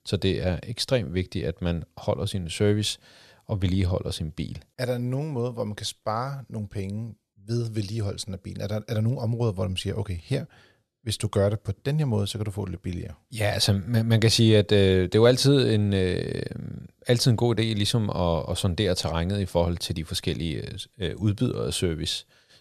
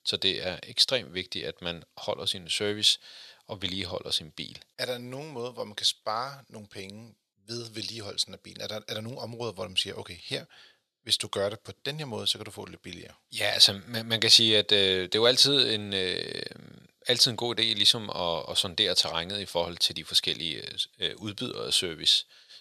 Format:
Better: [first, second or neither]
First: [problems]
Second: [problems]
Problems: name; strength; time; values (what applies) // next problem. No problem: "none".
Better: first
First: none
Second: thin; somewhat; fading below 800 Hz